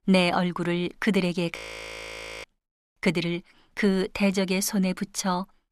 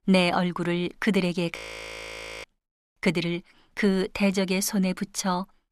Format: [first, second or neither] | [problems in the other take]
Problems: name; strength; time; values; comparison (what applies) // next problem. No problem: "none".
neither | audio freezing; at 1.5 s for 1 s; the same in both